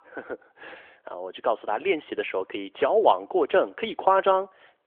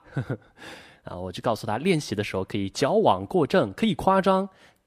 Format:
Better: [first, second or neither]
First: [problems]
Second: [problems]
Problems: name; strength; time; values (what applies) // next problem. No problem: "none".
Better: second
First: phone-call audio; nothing above 3.5 kHz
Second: none